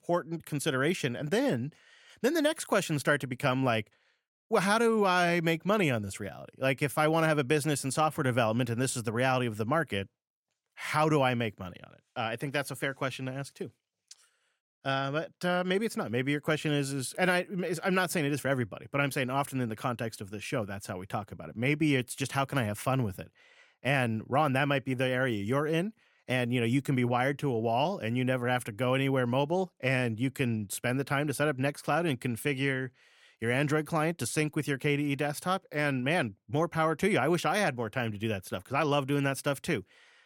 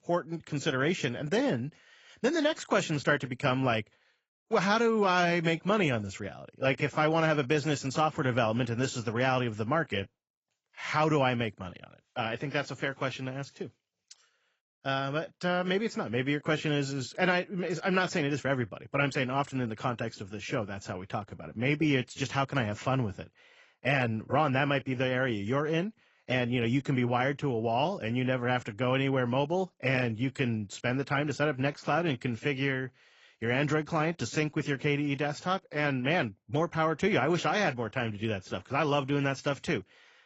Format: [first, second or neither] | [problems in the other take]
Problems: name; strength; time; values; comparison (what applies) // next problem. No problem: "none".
first | garbled, watery; badly; nothing above 7.5 kHz